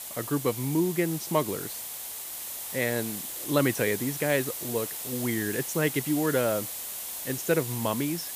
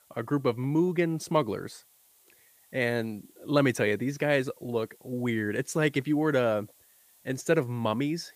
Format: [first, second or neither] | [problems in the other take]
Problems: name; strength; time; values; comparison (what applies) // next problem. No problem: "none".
second | hiss; loud; throughout; 5 dB below the speech; faint in the second